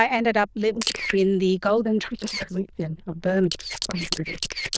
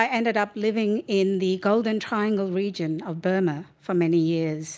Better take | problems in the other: second | noise reduction (neural diffusion model UNIVERSE++)

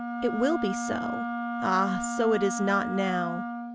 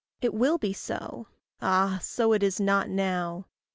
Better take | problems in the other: second | background sound (Wind instrument, woodwind instrument); 3 dB below the speech

